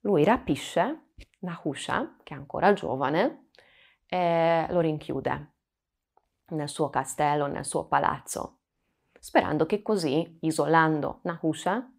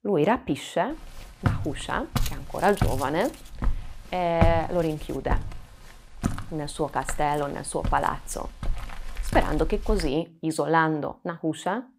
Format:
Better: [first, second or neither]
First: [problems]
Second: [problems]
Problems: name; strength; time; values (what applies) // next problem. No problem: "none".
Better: first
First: none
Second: footsteps; loud; from 1.5 to 10 s; peak 1 dB above the speech